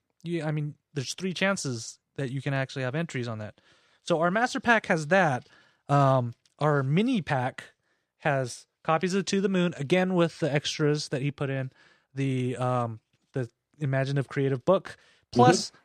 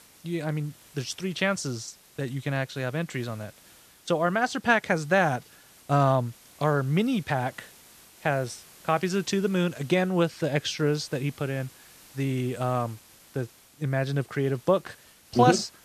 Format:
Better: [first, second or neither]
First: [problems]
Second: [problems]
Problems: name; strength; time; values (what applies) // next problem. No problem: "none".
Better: first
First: none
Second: hiss; faint; throughout; 25 dB below the speech